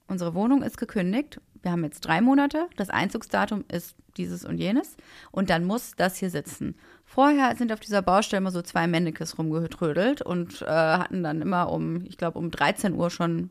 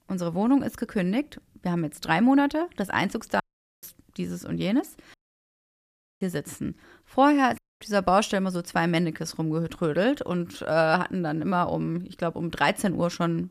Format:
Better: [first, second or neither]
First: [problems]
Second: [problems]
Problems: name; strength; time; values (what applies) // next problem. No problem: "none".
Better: first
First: none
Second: audio cutting out; at 3.5 s, at 5 s for 1 s and at 7.5 s